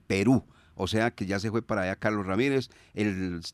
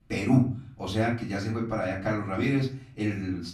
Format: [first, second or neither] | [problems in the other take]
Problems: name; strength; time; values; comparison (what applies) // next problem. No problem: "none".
first | off-mic speech; far // room echo; slight; dies away in 0.5 s